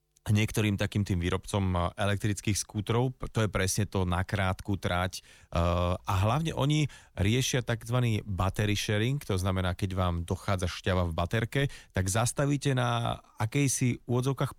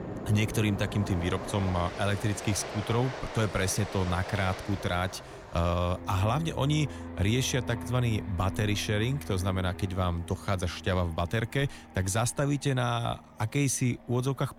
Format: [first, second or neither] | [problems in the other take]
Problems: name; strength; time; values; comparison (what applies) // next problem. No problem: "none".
first | train or aircraft noise; noticeable; throughout; 10 dB below the speech